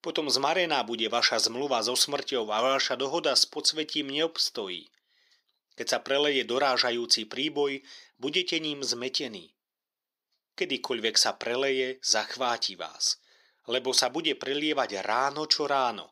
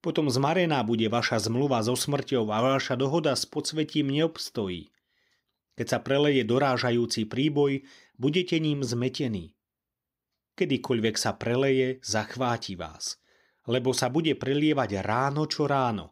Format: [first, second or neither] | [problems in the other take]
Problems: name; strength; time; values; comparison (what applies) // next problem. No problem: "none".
second | thin; somewhat; fading below 450 Hz